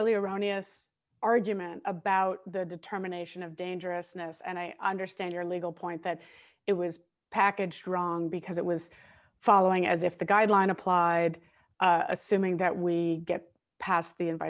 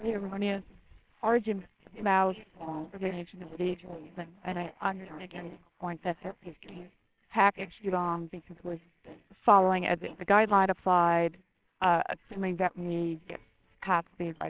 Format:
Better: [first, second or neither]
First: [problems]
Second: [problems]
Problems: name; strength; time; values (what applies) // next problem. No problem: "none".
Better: first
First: none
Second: noise reduction (neural separator model SepFormer WHAMR!)